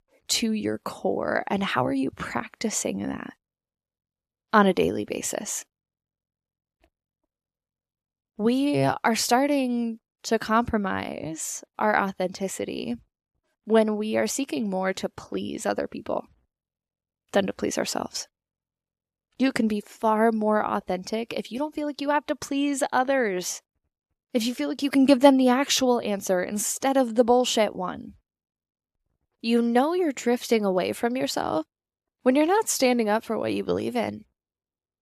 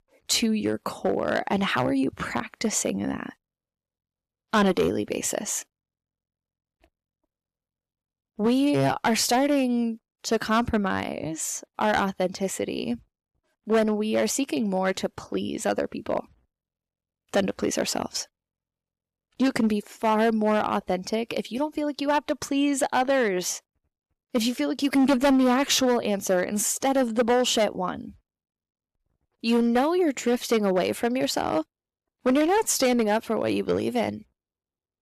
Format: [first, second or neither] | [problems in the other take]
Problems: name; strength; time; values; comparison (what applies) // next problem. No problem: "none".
first | distortion; slight; 4% of the sound clipped